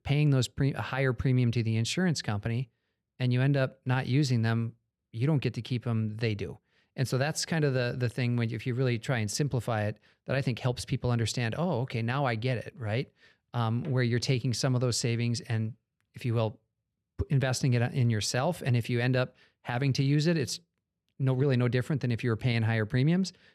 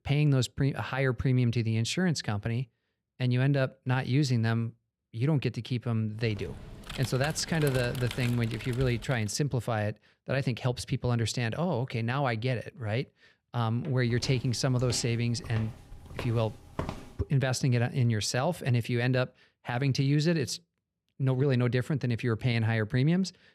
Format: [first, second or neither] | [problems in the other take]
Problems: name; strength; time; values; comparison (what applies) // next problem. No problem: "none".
first | keyboard typing; noticeable; from 6.5 to 9.5 s; peak 9 dB below the speech // footsteps; noticeable; from 14 to 17 s; peak 8 dB below the speech